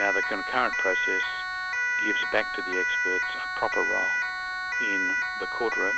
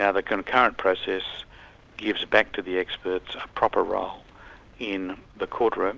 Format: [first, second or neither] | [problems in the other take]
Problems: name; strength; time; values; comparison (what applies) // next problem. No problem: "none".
second | background sound (Siren); 5 dB above the speech